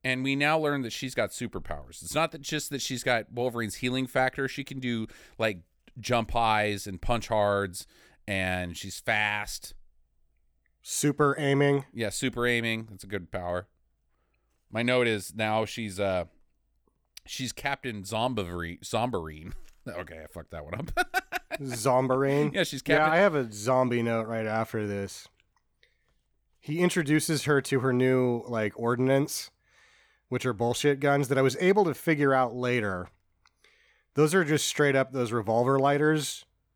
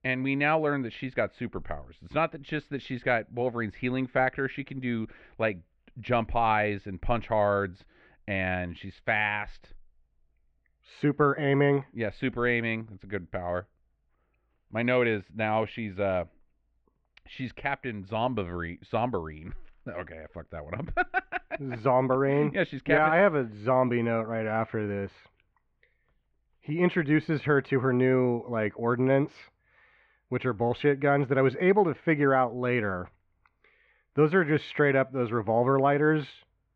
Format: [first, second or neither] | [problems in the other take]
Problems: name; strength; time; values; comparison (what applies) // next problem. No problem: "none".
first | muffled; very; fading above 2.5 kHz